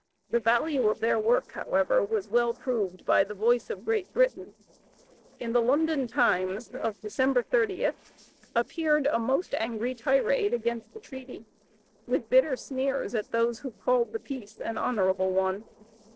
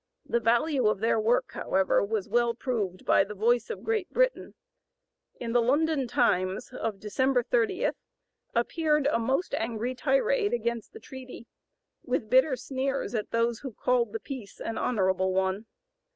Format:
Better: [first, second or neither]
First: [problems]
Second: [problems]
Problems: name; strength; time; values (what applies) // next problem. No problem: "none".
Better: second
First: noise reduction (neural separator model SepFormer DNS4)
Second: none